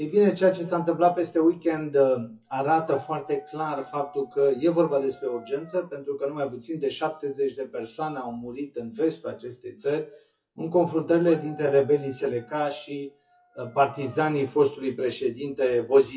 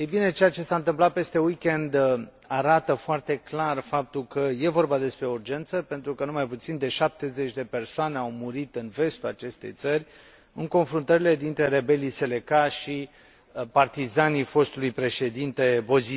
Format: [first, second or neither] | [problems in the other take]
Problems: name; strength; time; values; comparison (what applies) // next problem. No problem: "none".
second | noise reduction (classical method WPE with log-MMSE)